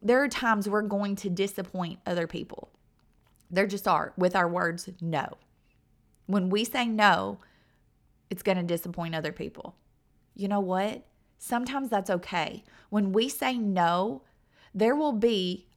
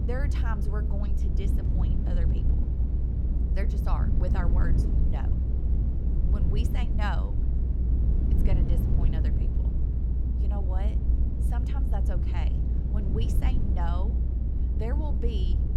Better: first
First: none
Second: low rumble; loud; throughout; 2 dB below the speech

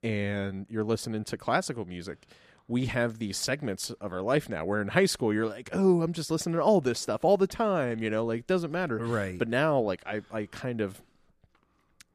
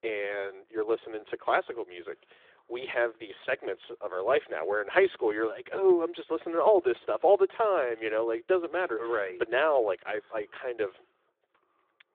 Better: first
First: none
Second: phone-call audio

